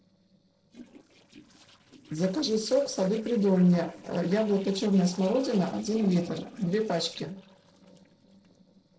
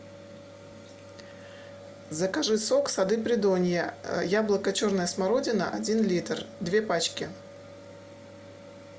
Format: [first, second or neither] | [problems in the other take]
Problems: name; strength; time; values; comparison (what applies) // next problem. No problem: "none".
second | noise reduction (neural separator model SepFormer DNS4)